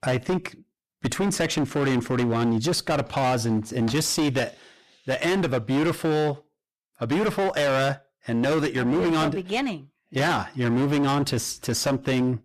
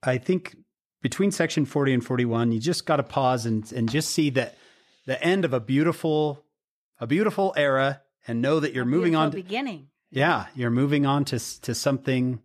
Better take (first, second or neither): second